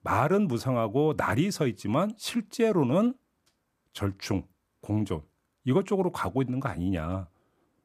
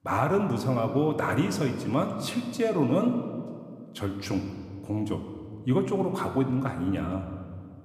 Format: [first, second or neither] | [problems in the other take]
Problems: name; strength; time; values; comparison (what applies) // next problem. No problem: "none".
first | room echo; slight; dies away in 1.5 s